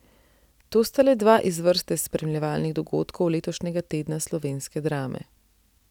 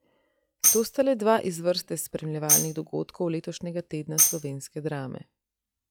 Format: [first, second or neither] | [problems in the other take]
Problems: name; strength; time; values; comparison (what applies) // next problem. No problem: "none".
first | noise reduction (classical method log-MMSE)